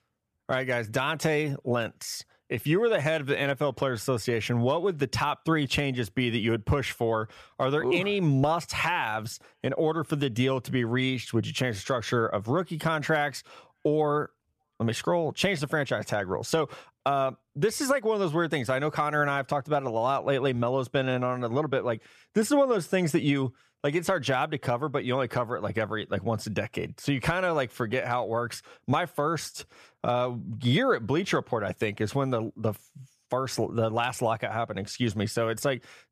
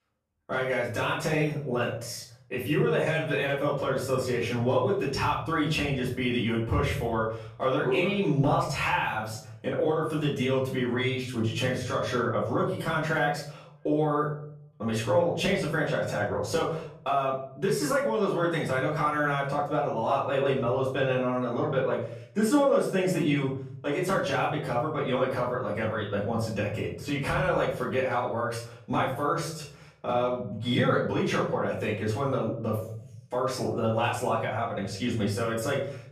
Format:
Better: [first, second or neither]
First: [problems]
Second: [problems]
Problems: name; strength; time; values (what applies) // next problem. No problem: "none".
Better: first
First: none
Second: room echo; noticeable; dies away in 0.6 s // off-mic speech; far